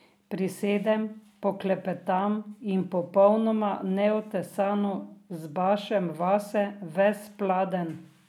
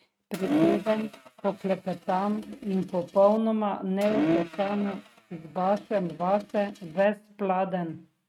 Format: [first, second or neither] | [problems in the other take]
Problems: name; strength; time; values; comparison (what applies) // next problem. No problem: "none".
first | noise reduction (neural mask model RNNoise)